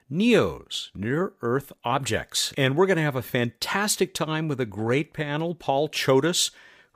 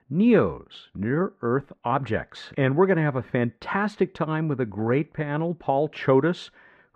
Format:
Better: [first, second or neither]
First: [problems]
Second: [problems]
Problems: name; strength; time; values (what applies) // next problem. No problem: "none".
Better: first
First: none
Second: muffled; very; fading above 1.5 kHz